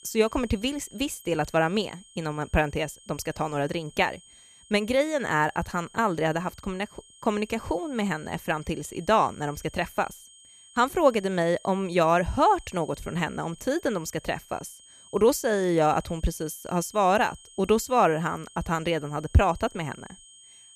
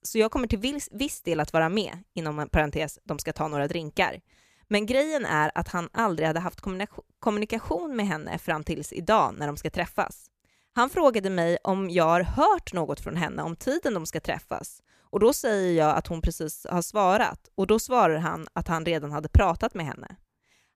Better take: second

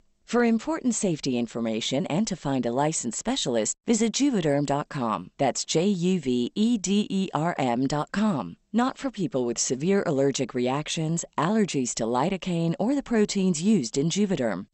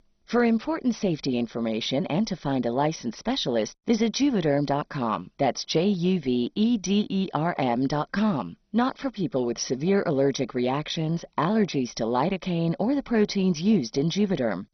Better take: first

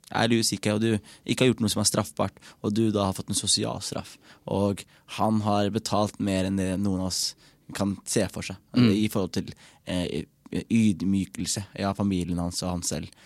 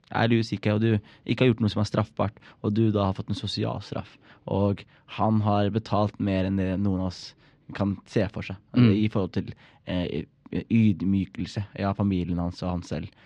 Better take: first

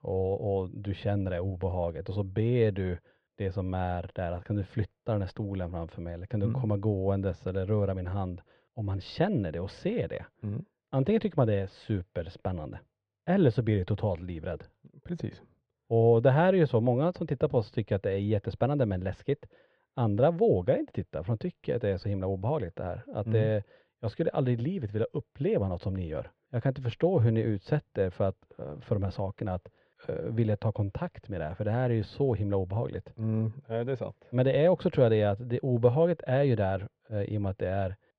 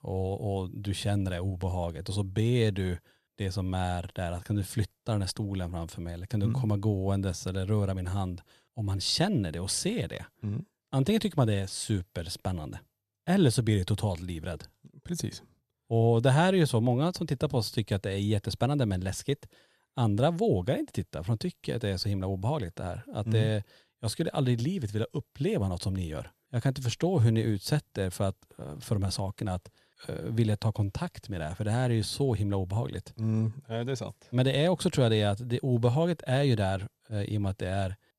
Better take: second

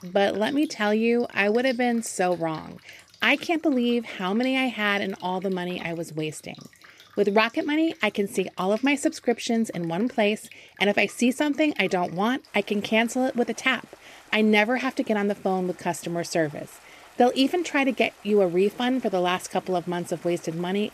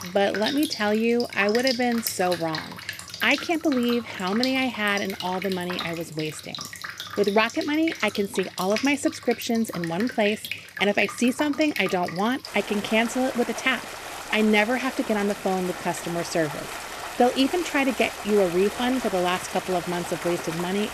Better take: first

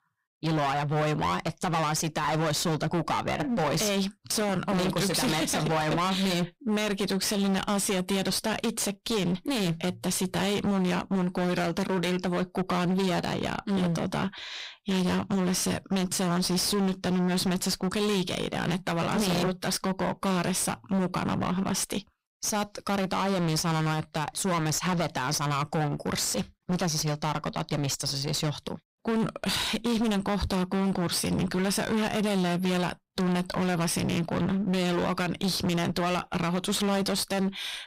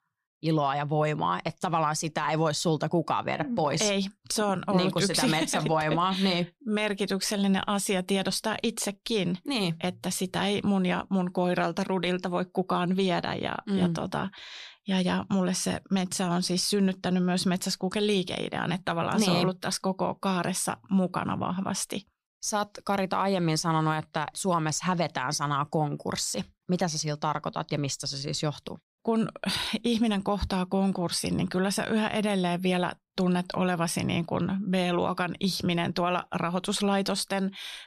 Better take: second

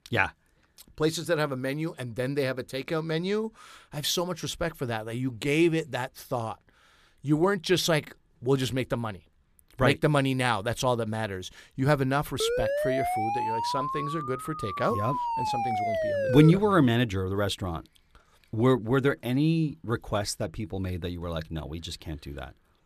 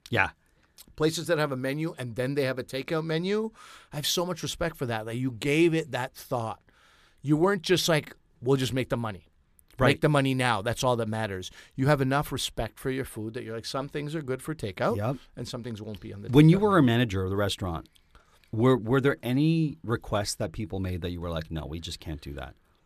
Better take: second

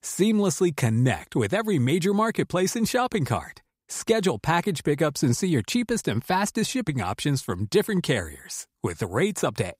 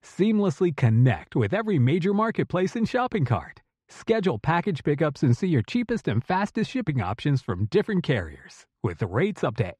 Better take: first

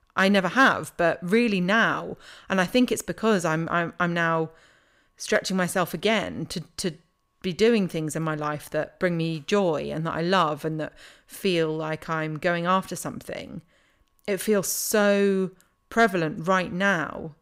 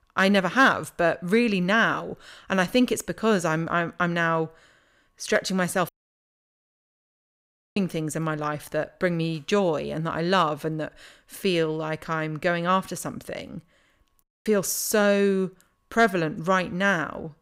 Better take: first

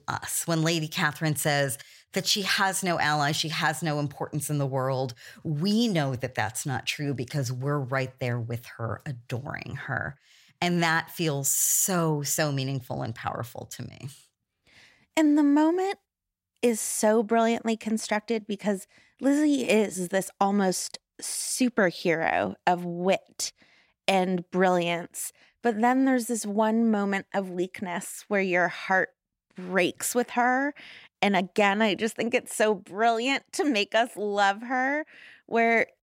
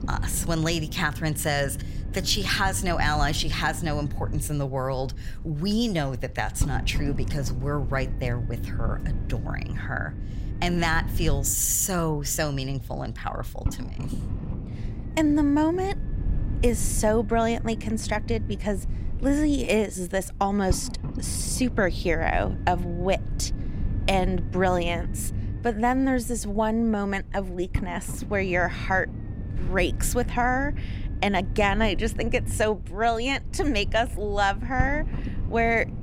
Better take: first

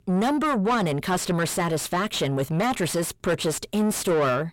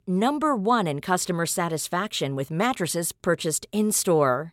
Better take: second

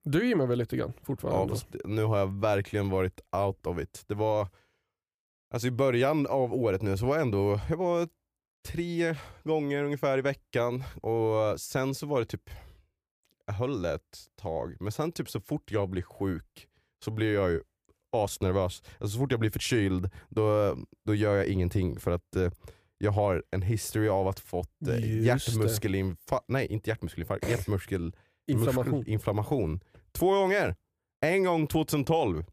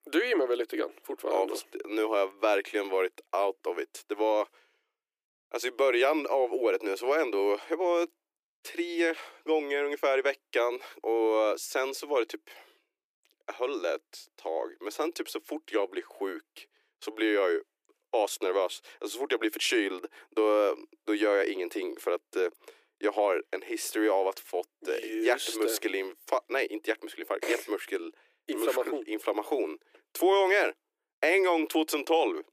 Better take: first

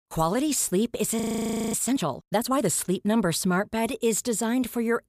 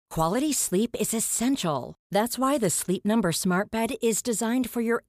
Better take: second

